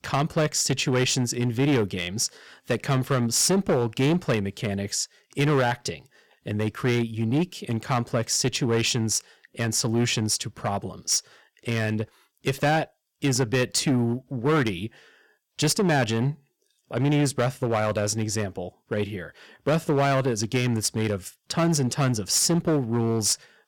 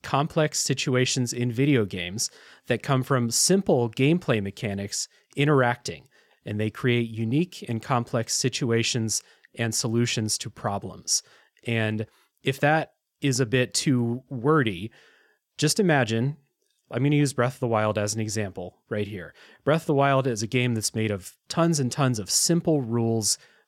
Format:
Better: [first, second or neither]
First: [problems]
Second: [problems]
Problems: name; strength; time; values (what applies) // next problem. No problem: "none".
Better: second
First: distortion; slight; 8% of the sound clipped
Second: none